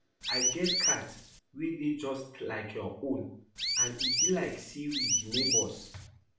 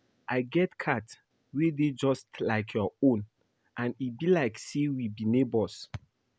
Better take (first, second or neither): second